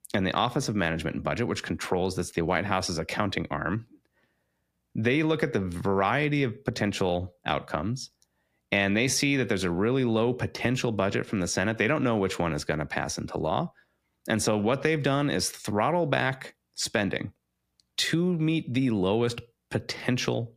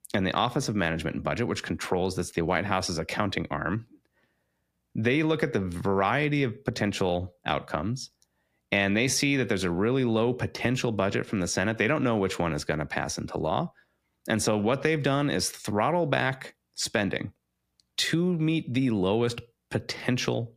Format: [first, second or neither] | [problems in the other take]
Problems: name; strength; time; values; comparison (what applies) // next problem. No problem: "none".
neither | none